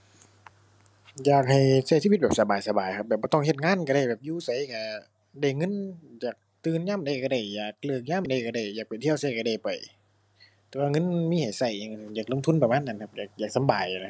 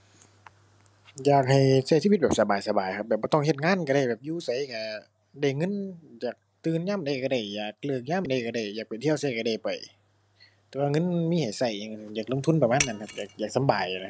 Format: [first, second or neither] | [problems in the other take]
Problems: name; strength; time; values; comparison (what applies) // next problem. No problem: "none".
first | background sound (Shatter); 8 dB below the speech